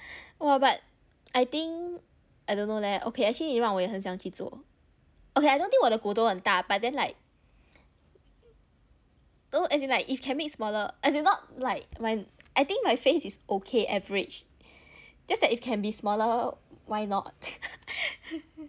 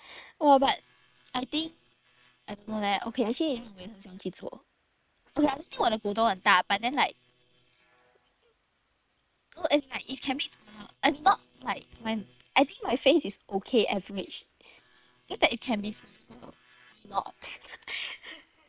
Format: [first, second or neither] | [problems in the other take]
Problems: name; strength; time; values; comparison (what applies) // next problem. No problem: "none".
first | noise reduction (neural separator model SepFormer WHAM!)